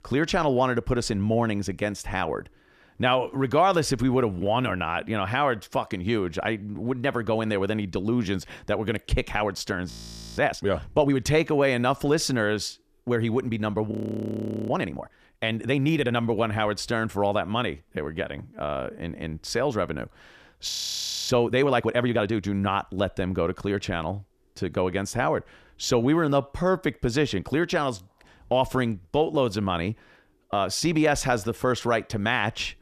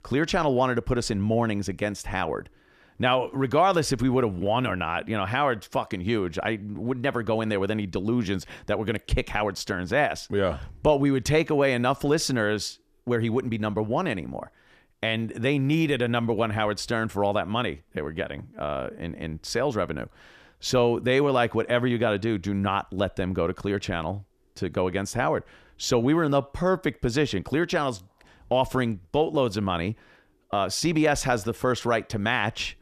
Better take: second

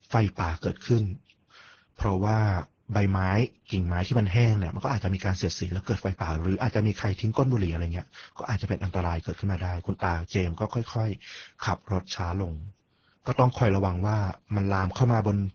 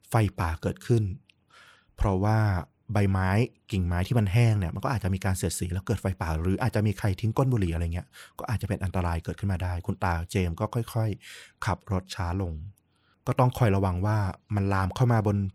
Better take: second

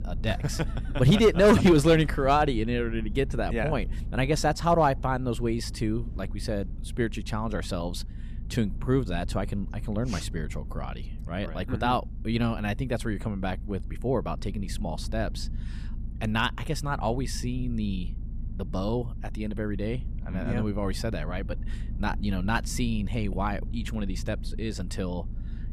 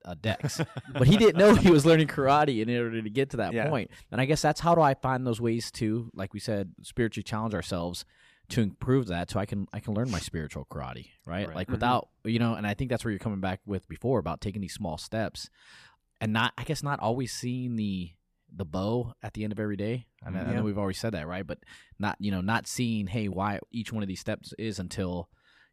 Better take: second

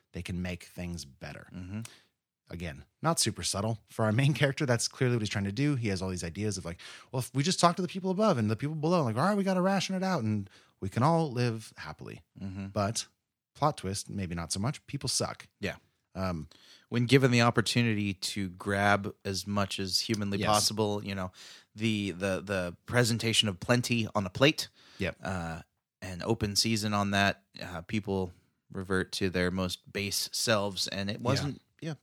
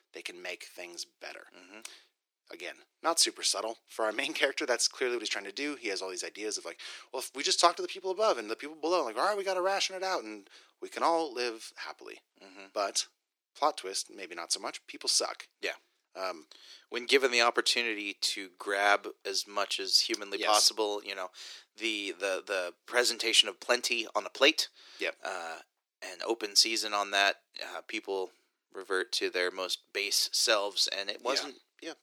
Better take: first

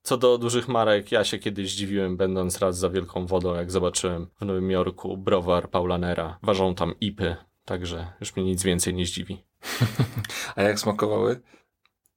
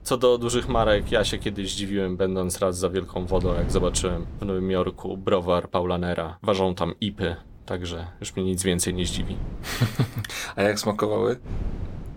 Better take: first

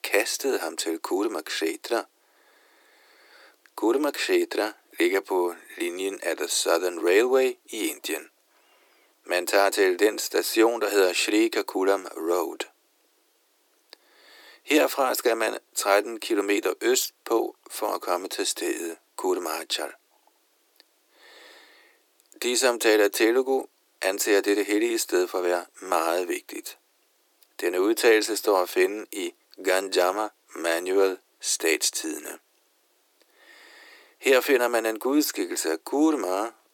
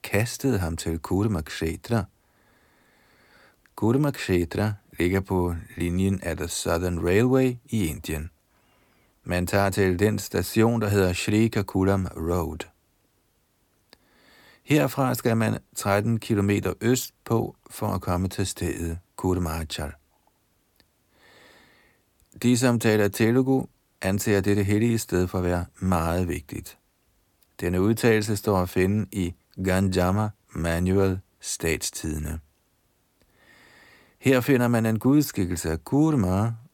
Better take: second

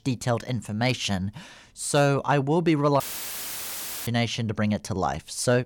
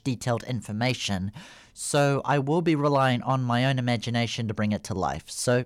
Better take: second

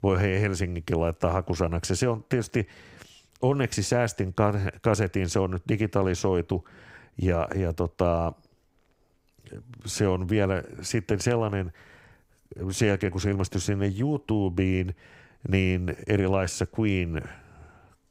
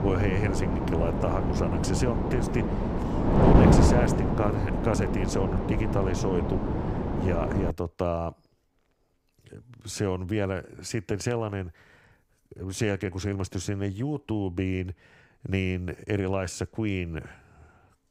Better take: first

